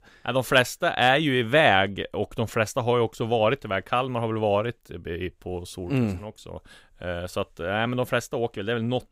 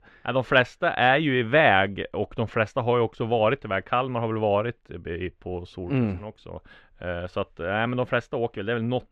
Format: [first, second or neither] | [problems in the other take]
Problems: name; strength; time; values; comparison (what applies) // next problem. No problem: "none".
first | muffled; slightly; fading above 2.5 kHz